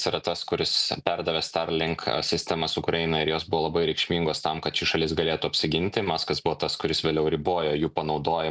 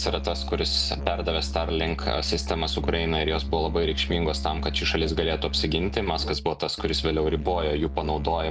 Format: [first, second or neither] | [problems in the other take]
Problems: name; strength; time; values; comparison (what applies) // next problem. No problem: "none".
first | background sound (Musical instrument); 5 dB below the speech